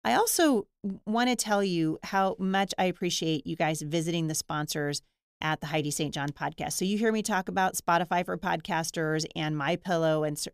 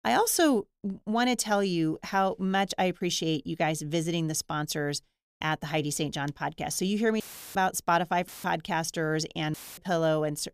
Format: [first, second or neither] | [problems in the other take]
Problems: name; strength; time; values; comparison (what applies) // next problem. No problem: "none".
first | audio cutting out; filled with static; at 7 s, at 8.5 s and at 9.5 s